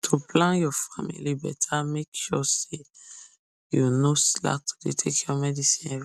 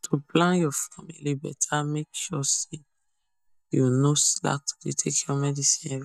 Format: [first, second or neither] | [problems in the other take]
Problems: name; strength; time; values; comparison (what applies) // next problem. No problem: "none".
first | noise reduction (neural mask model DeepFilterNet 3)